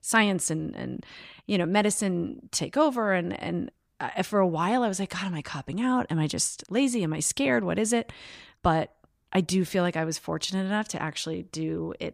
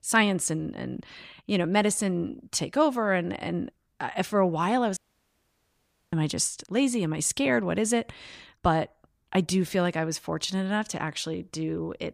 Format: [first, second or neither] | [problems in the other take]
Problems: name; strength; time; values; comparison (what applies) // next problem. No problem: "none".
first | audio cutting out; at 5 s for 1 s